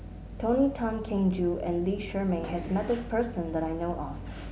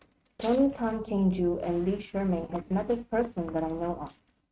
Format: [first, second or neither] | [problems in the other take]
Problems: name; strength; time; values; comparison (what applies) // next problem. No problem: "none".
first | noise reduction (neural mask model RNNoise)